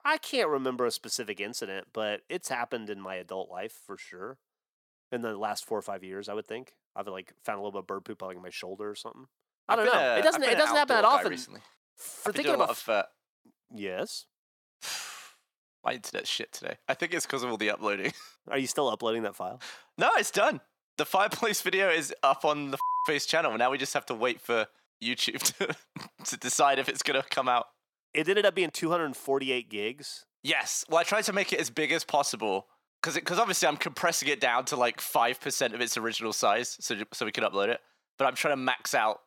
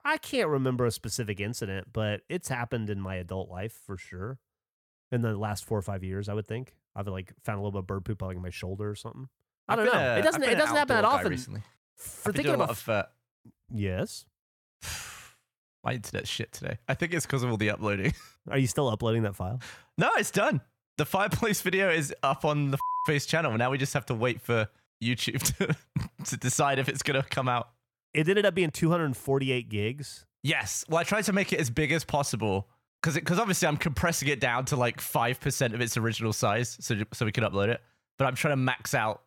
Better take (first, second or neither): second